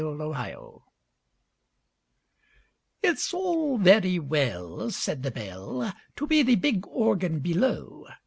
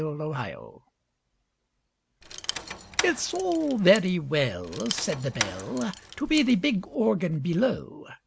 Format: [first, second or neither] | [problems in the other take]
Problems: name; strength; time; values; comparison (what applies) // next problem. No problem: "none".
first | background sound (Rattle / Keys jangling); 10 dB below the speech